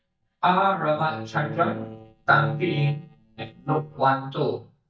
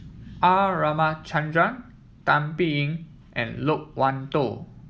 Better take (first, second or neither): second